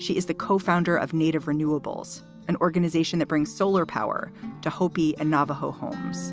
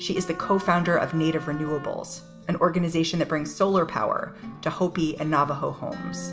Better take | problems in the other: first | background sound (Wind instrument, woodwind instrument); 16 dB below the speech // room echo; dies away in 0.6 s

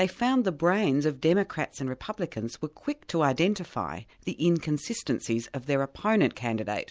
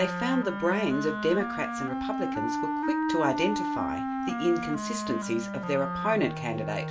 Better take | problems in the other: first | background sound (Wind instrument, woodwind instrument); 2 dB below the speech // room echo; dies away in 0.2 s

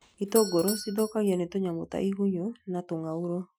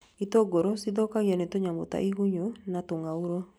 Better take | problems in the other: second | noise reduction (classical method Wiener filter)

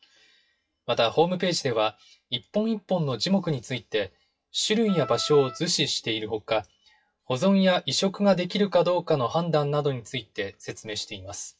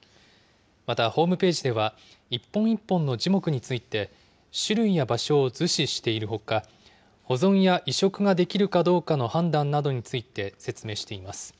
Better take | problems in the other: second | noise reduction (classical method WPE with log-MMSE)

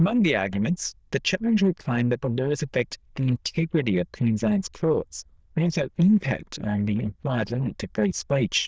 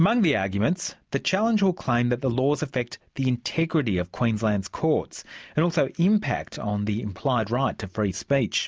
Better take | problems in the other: second | noise reduction (neural diffusion model UNIVERSE++)

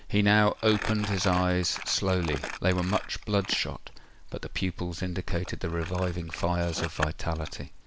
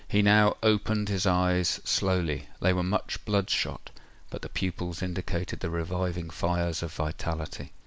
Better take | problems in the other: second | background sound (Crumpling, crinkling); 13 dB below the speech

